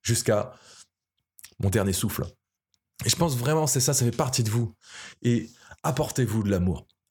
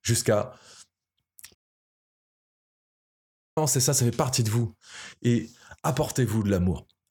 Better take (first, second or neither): first